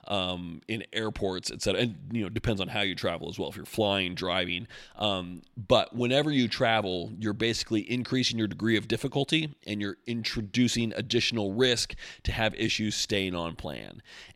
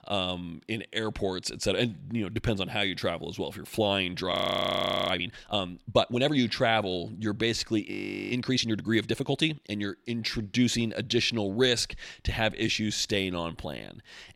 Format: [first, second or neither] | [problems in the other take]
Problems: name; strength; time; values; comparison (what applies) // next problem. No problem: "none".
first | audio freezing; at 4.5 s for 1 s and at 8 s